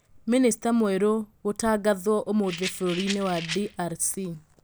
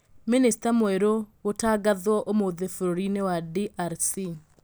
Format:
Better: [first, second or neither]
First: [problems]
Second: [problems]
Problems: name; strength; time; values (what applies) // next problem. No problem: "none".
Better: second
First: background sound (Rattle); 11 dB below the speech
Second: none